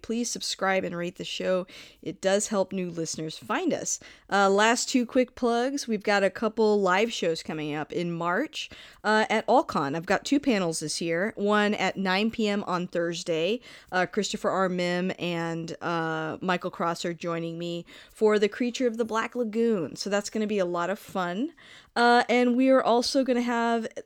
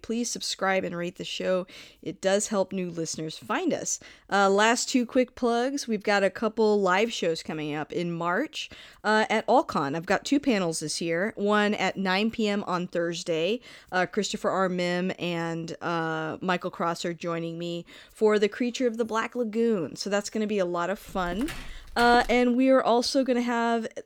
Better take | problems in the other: first | footsteps; faint; from 21 to 22 s; peak 10 dB below the speech

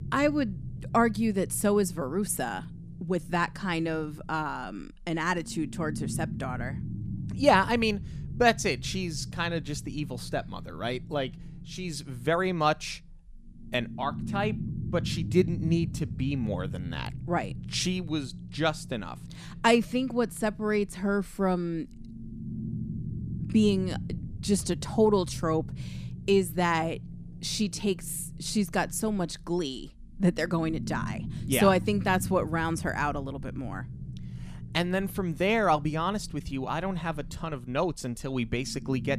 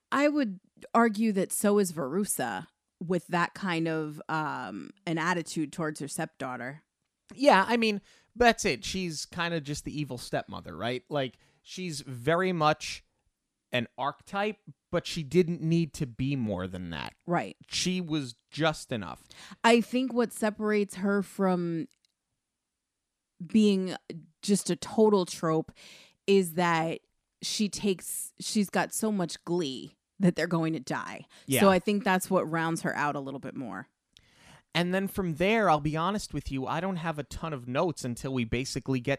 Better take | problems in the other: second | low rumble; noticeable; throughout; 20 dB below the speech

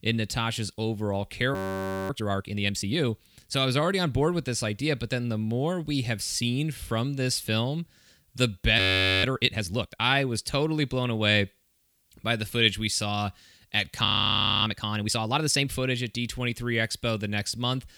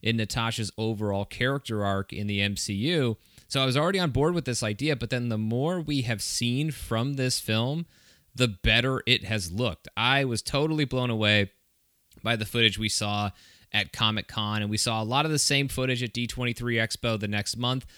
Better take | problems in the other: second | audio freezing; at 1.5 s for 0.5 s, at 9 s and at 14 s for 0.5 s

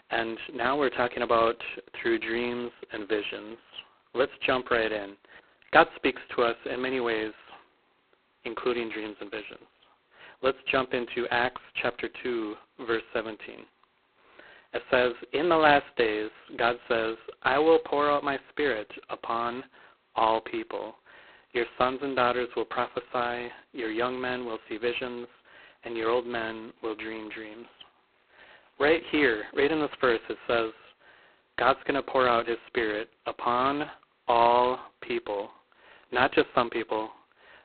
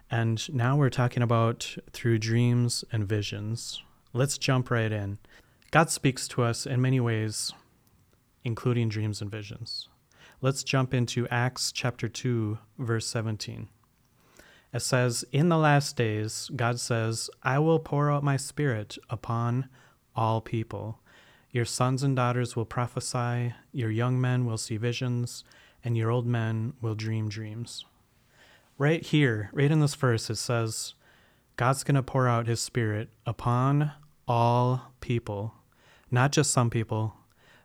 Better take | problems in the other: second | phone-call audio; poor line; nothing above 4 kHz

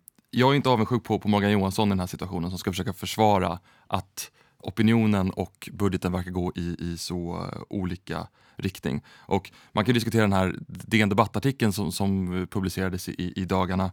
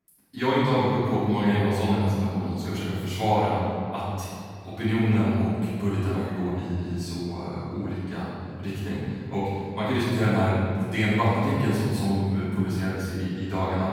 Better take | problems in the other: first | off-mic speech; far // room echo; strong; dies away in 2.3 s

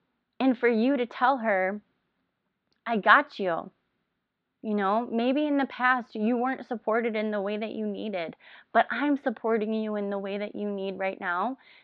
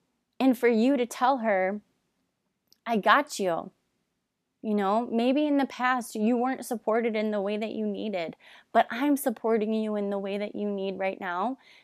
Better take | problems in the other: second | muffled; slightly; fading above 4 kHz

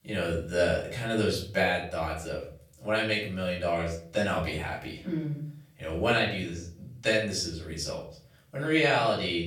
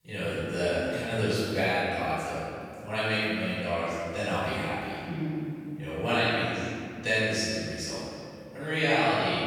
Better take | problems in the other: first | room echo; strong; dies away in 2.2 s; slight in the first // off-mic speech; far; far in the first

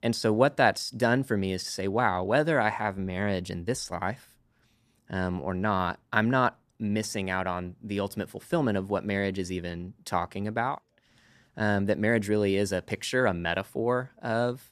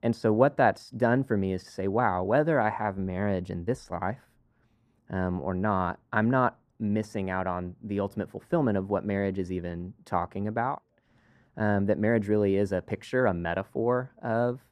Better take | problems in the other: first | muffled; slightly; fading above 2 kHz

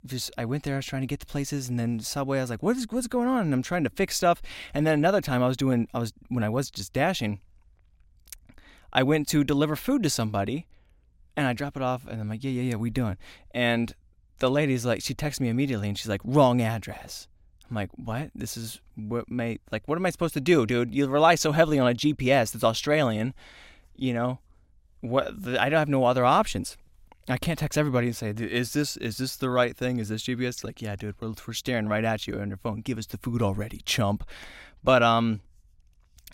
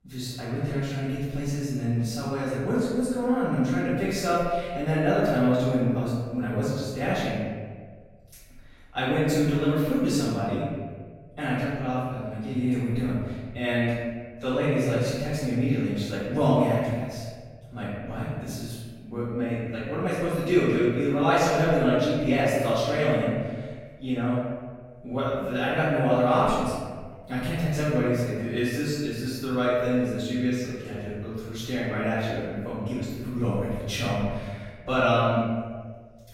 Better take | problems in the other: first | off-mic speech; far // room echo; strong; dies away in 1.5 s

